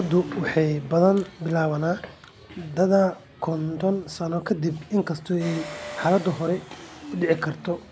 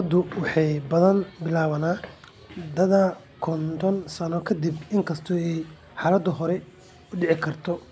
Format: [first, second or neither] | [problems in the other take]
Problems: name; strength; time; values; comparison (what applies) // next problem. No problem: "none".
second | background sound (Engine); 18 dB below the speech